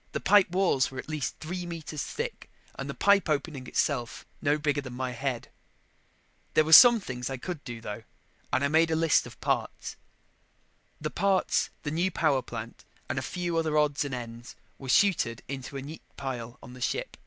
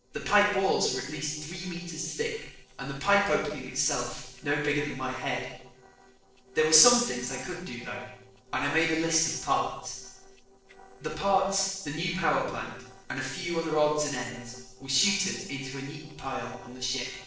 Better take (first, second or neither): first